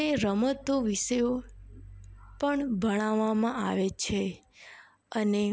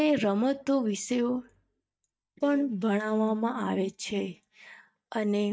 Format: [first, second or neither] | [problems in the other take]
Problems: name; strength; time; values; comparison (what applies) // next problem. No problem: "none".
first | noise reduction (neural mask model DeepFilterNet 3)